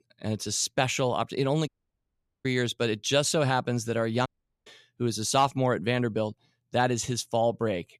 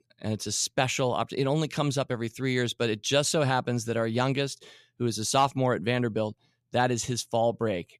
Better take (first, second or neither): second